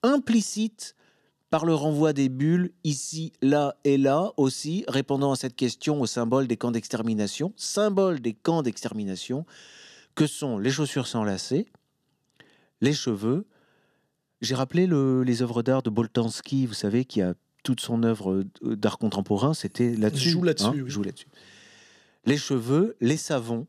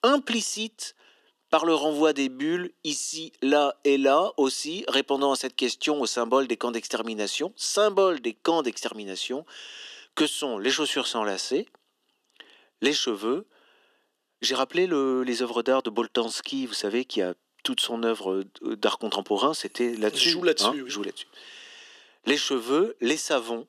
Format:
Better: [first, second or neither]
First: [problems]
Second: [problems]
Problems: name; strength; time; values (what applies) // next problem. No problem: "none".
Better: first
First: none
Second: thin; somewhat; fading below 300 Hz